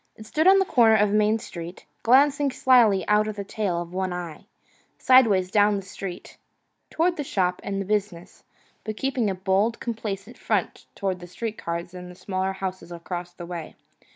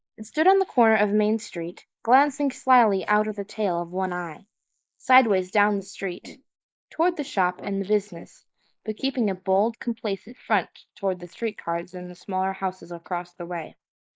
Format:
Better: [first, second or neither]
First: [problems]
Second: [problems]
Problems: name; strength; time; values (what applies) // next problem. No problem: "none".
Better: first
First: none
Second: noise reduction (neural mask model Resemble Enhance denoiser)